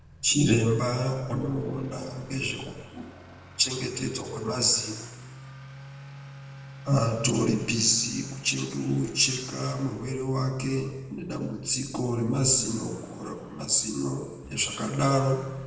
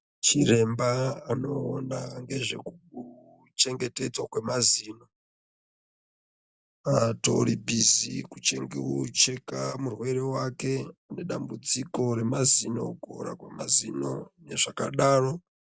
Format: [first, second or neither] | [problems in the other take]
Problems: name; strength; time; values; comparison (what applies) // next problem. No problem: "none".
second | background sound (Accelerating, revving, vroom / Motor vehicle (road)); 18 dB below the speech // room echo; dies away in 1.1 s